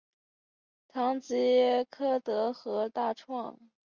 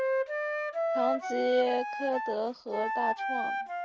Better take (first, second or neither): first